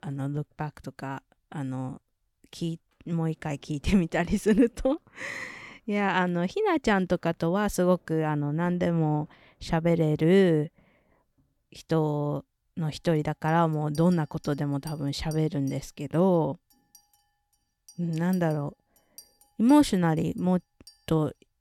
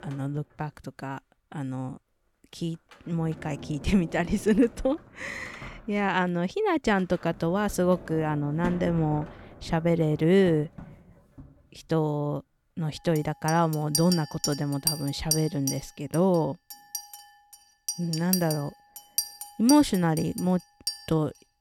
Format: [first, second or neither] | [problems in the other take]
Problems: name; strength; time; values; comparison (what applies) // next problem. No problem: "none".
first | household noises; loud; throughout; 7 dB below the speech; faint in the first